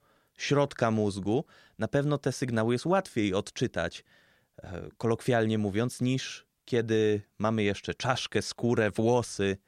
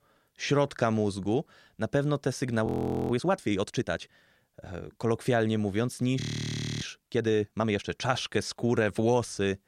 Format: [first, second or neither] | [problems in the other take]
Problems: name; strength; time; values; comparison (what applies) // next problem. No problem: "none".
first | audio freezing; at 2.5 s and at 6 s for 0.5 s